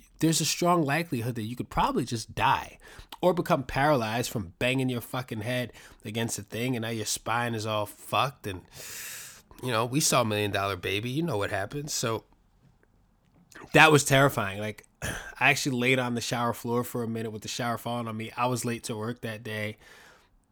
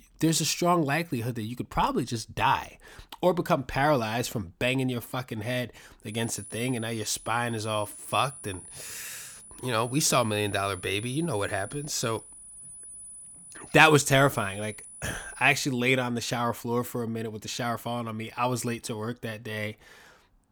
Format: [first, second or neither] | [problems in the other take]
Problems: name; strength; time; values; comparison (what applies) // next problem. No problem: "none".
first | high-pitched whine; noticeable; from 6 to 16 s; 10 kHz, 15 dB below the speech